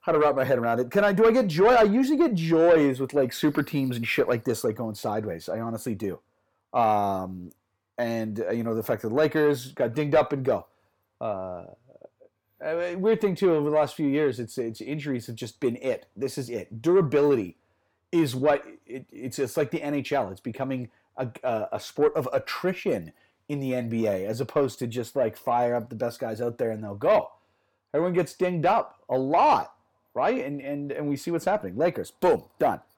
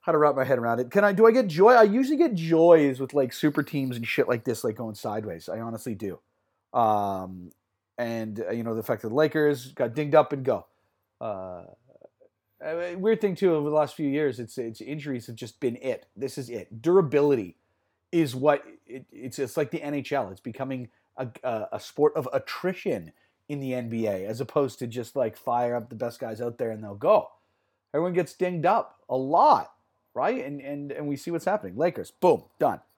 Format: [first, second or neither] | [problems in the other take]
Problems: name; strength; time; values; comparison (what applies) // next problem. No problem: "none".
second | distortion; slight; 10 dB below the speech